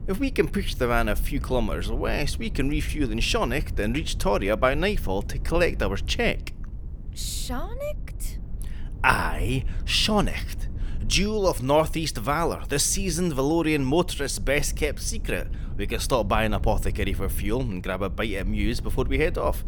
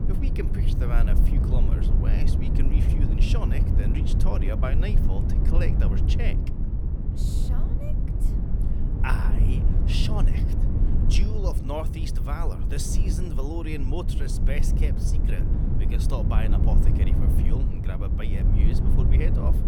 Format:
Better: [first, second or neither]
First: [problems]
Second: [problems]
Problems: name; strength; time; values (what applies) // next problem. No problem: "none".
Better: first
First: low rumble; faint; throughout; 25 dB below the speech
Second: low rumble; loud; throughout; 2 dB below the speech